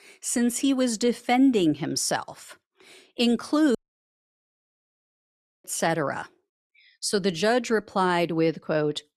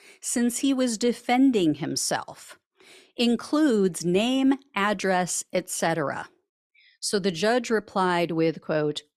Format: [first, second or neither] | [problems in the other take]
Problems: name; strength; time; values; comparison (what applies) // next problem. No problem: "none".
second | audio cutting out; at 4 s for 2 s